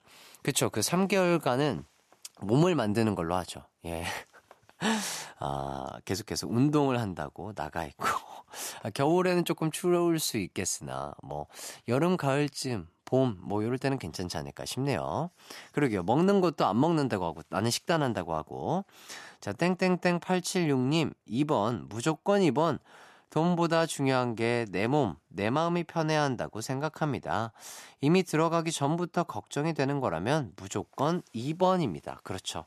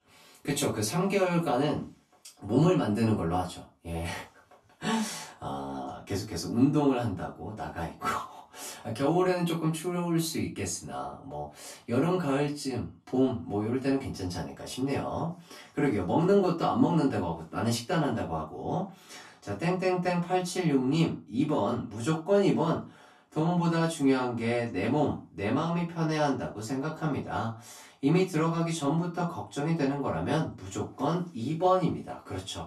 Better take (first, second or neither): first